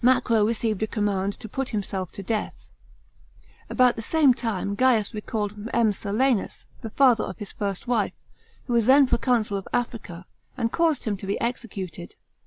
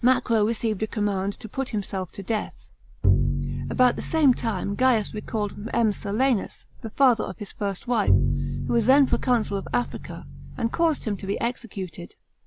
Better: first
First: none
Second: background sound (Bowed string instrument); 3 dB below the speech

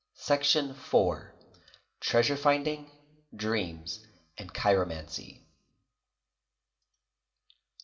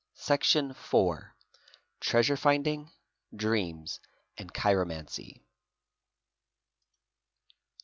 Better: second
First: room echo; dies away in 0.8 s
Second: none

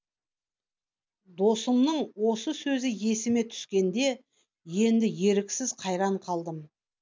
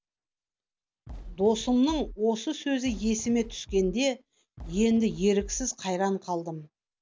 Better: first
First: none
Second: background sound (Fireworks); 15 dB below the speech

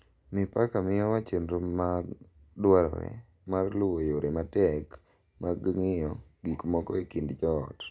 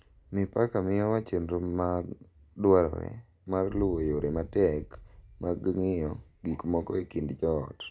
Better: first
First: none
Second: background sound (Boom); 20 dB below the speech

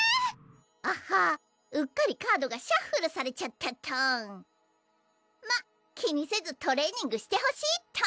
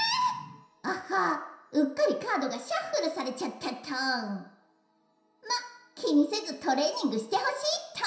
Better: first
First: none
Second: room echo; dies away in 0.7 s

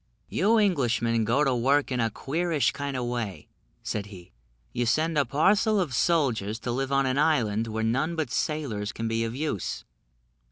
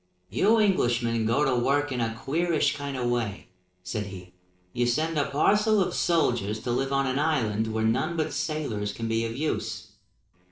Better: first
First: none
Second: noise reduction (neural separator model SepFormer DNS4)

